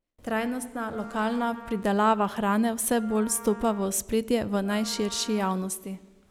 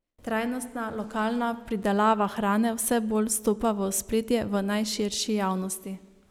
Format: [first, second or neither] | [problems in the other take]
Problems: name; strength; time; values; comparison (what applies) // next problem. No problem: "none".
second | background sound (Wind instrument, woodwind instrument); 19 dB below the speech